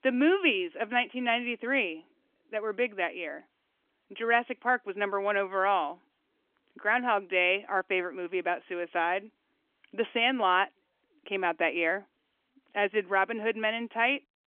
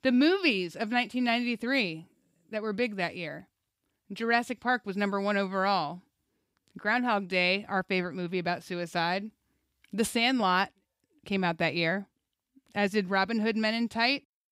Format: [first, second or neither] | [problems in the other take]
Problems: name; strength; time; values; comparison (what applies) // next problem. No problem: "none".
second | phone-call audio; nothing above 3 kHz